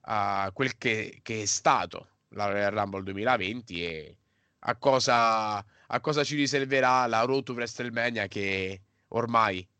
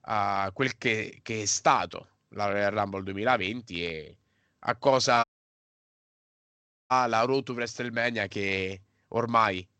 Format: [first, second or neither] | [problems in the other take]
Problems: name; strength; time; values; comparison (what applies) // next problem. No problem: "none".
first | audio cutting out; at 5 s for 1.5 s